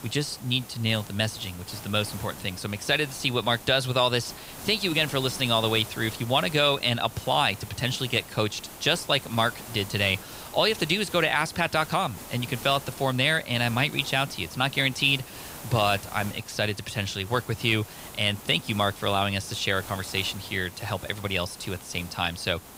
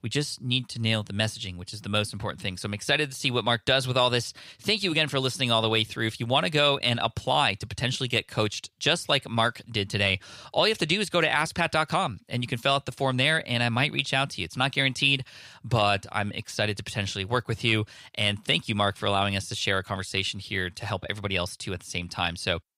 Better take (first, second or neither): second